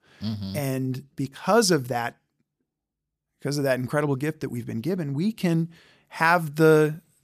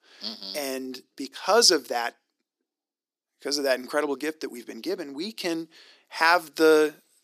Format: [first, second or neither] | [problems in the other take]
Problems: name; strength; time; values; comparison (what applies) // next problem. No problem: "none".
first | thin; somewhat; fading below 300 Hz